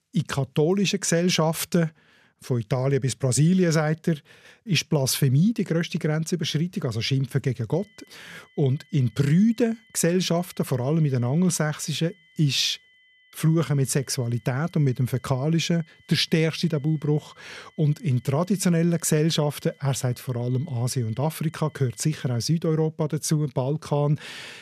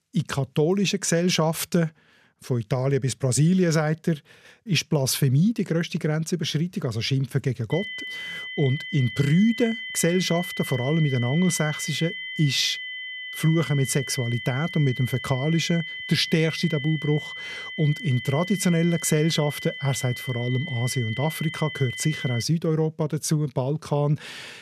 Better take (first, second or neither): first